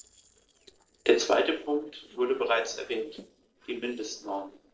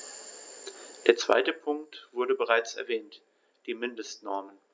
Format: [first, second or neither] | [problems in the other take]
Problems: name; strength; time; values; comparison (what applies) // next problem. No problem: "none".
second | noise reduction (neural separator model SepFormer DNS4)